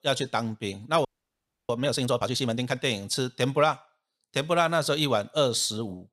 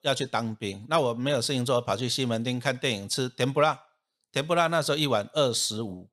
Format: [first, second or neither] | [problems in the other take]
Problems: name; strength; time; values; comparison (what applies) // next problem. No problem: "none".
second | audio freezing; at 1 s for 0.5 s